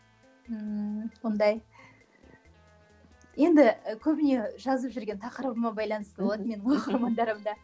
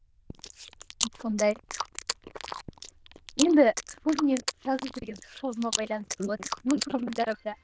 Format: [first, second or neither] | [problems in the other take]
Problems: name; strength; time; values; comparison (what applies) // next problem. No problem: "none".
first | noise reduction (neural diffusion model UNIVERSE++)